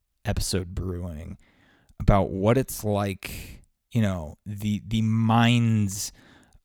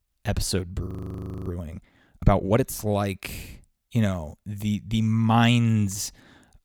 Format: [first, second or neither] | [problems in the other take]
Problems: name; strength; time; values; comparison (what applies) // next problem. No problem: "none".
first | audio freezing; at 1 s for 0.5 s